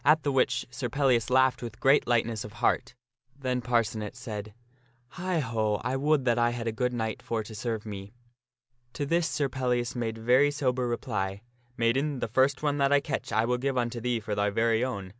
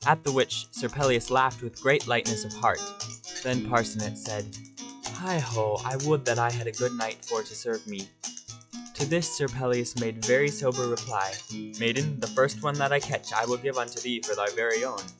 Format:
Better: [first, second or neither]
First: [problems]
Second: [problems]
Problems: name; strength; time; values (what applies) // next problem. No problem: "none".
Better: first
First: none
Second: noise reduction (classical method log-MMSE)